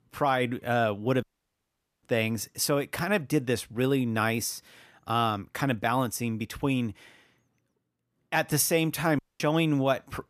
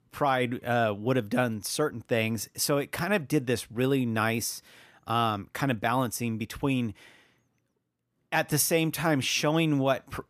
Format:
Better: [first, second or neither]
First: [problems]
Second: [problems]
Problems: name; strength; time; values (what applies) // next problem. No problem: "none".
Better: second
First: audio cutting out; at 1 s for 1 s and at 9 s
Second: none